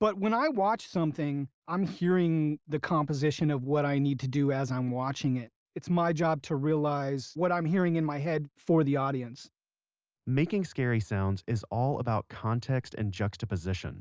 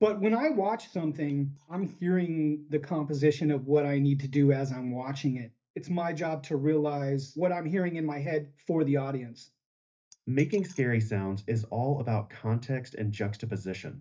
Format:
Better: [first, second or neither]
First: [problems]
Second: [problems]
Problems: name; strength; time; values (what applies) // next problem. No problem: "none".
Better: first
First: none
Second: noise reduction (neural mask model DeepFilterNet 3)